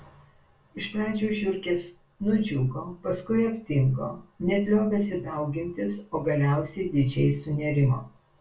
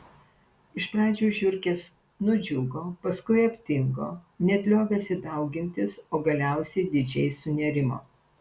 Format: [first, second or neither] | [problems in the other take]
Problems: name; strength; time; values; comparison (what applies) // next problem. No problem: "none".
second | room echo; dies away in 0.3 s